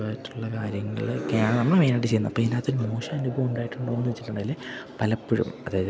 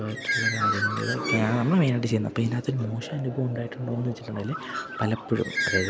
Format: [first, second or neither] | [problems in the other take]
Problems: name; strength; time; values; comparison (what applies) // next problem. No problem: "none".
first | background sound (Bird); 5 dB below the speech